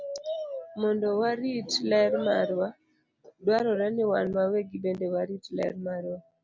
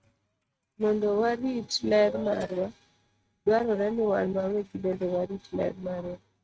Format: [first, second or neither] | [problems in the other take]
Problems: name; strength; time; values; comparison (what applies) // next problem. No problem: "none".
first | noise reduction (neural mask model RNNoise)